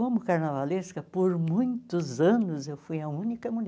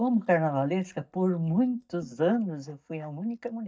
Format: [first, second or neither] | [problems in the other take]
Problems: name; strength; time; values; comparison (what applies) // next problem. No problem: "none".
first | noise reduction (neural mask model DeepFilterNet 3)